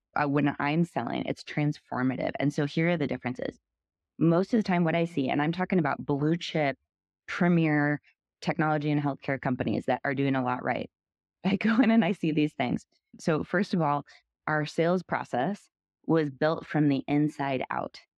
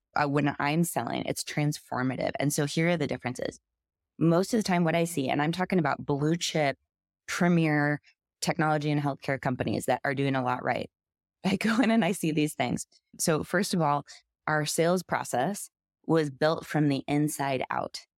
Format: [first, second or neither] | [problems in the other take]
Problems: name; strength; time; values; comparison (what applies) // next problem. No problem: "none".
second | muffled; slightly; fading above 3 kHz